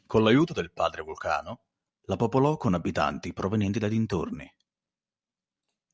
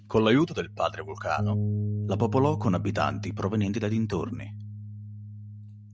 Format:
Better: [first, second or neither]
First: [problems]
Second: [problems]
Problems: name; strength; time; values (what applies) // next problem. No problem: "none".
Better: first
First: none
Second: background sound (Bass guitar); 5 dB below the speech